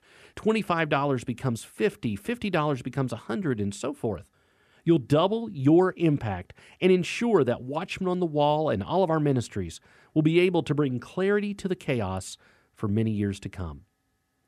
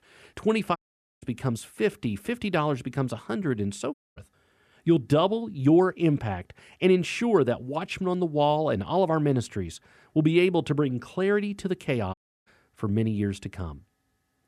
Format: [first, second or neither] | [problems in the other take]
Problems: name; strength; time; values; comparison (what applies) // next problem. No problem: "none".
first | audio cutting out; at 1 s, at 4 s and at 12 s